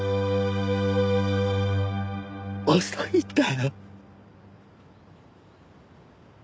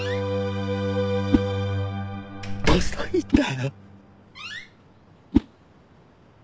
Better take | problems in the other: first | background sound (Whoosh, swoosh, swish + Slam); 1 dB below the speech

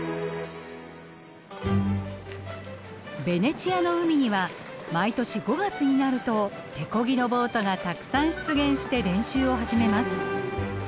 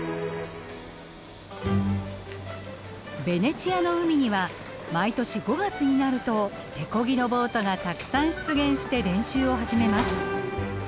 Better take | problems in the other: first | background sound (Sliding door / Train); 17 dB below the speech

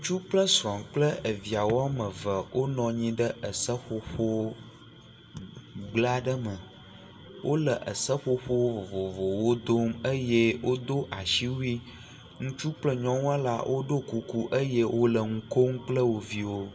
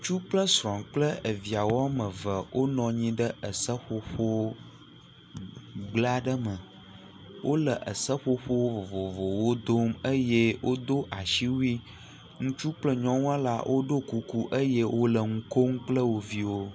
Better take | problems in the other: second | room echo; dies away in 0.5 s

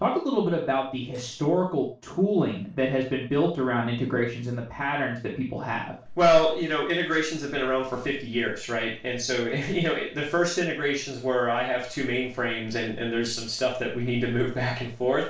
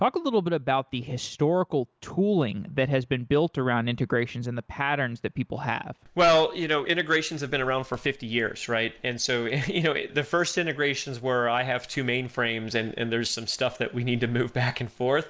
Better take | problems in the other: second | noise reduction (neural separator model SepFormer DNS4)

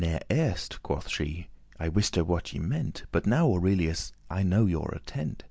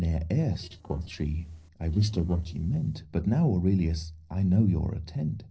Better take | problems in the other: first | noise reduction (neural separator model SepFormer DNS4)

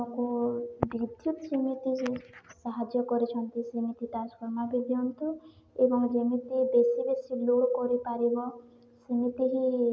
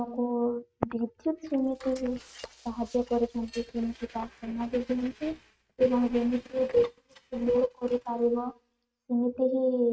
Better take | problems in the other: first | noise reduction (neural mask model RNNoise)

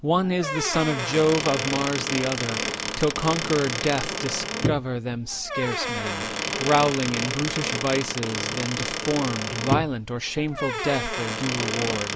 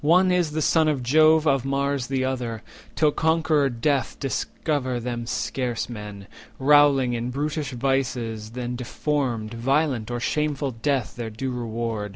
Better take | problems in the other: second | background sound (Squeak / Wood); 3 dB below the speech

